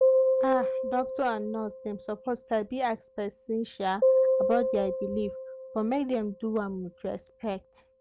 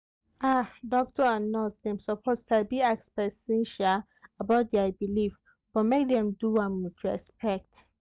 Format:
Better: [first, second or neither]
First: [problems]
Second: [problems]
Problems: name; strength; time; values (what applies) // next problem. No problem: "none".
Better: second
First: background sound (Piano); 2 dB above the speech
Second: none